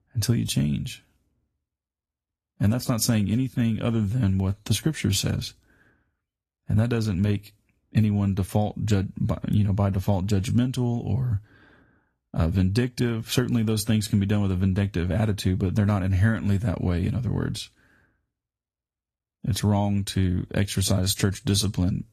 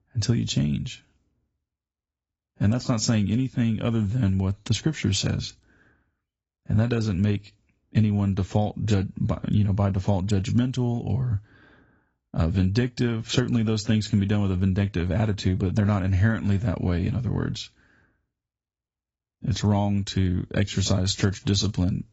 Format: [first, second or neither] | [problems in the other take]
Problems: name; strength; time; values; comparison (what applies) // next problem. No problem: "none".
first | garbled, watery; badly; nothing above 7.5 kHz; slightly in the first